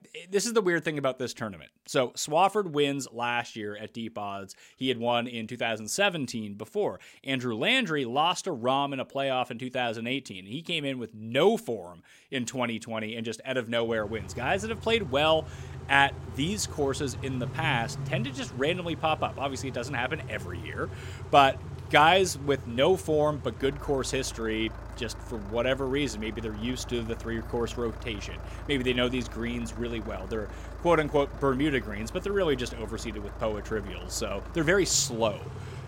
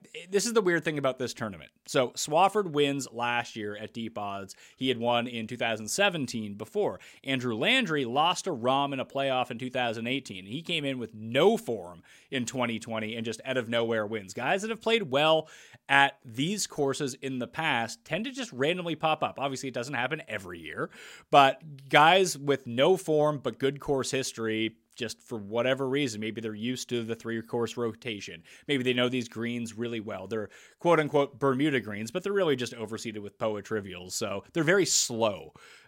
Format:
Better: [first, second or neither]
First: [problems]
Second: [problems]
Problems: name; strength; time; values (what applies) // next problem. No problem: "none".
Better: second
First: traffic noise; noticeable; from 14 s on; 10 dB below the speech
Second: none